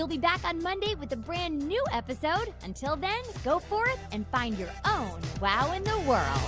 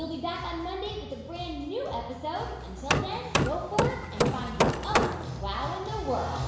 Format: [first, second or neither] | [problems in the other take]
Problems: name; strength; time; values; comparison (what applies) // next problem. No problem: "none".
first | background sound (Hammer); 4 dB above the speech // room echo; dies away in 1 s